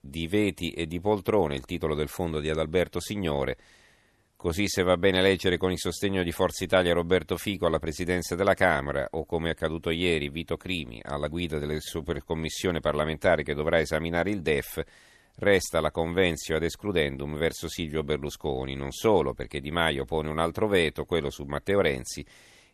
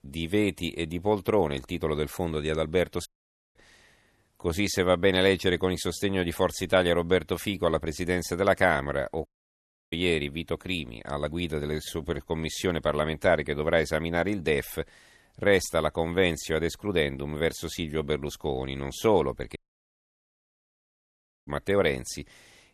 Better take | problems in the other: first | audio cutting out; at 3 s, at 9.5 s for 0.5 s and at 20 s for 2 s

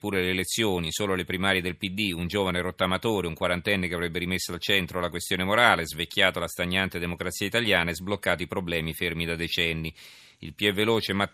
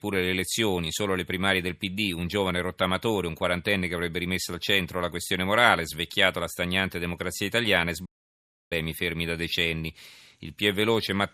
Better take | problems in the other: first | audio cutting out; at 8 s for 0.5 s

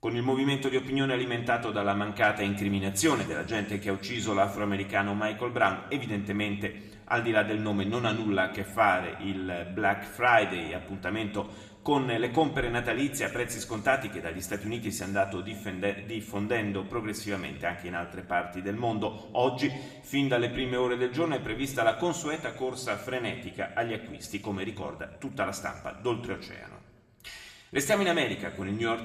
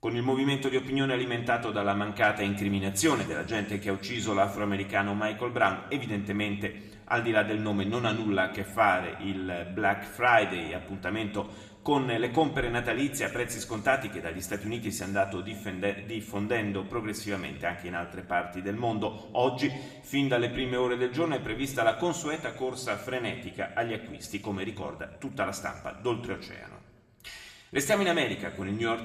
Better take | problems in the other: neither | room echo; very slight; dies away in 1.3 s; the same in both

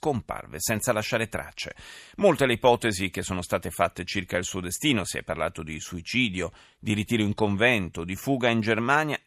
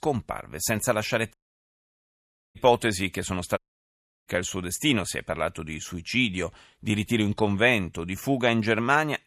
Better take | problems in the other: first | audio cutting out; at 1.5 s for 1 s and at 3.5 s for 0.5 s

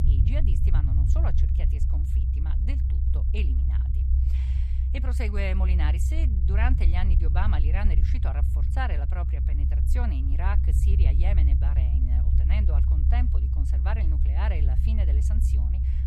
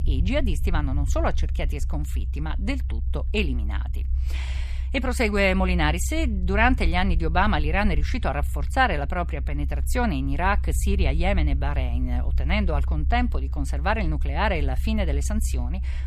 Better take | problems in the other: second | low rumble; loud; throughout; 4 dB below the speech; faint in the second

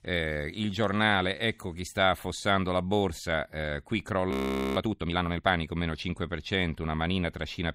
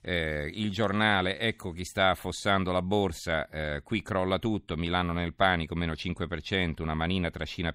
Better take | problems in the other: second | audio freezing; at 4.5 s

